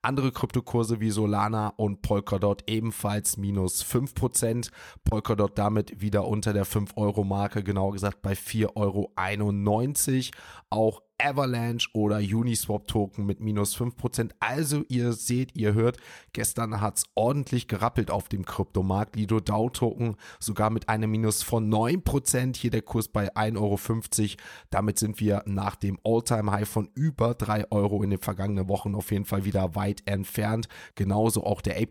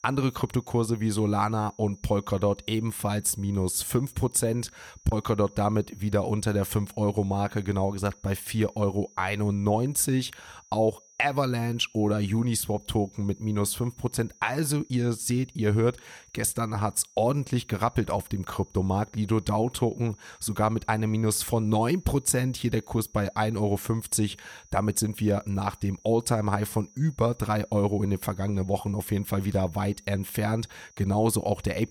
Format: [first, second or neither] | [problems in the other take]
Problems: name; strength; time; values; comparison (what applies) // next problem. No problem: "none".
first | high-pitched whine; faint; throughout; 5.5 kHz, 25 dB below the speech